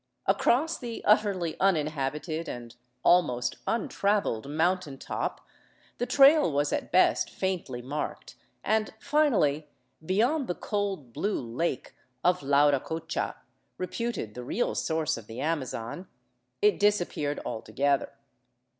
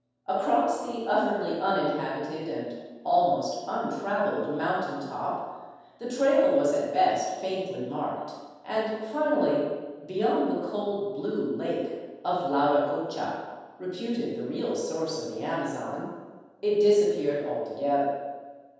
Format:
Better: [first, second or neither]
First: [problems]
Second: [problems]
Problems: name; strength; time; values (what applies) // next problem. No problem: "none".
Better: first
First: none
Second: room echo; dies away in 1.2 s